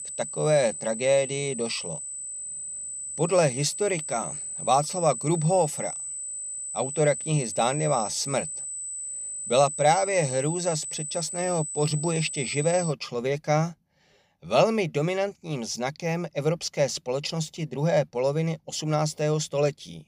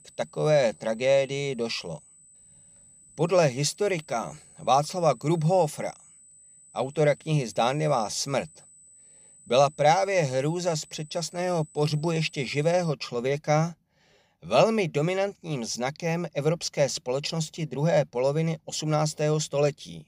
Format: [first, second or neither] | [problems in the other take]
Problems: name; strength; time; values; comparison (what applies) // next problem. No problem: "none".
second | high-pitched whine; loud; until 13 s; 8 kHz, 6 dB below the speech; faint in the second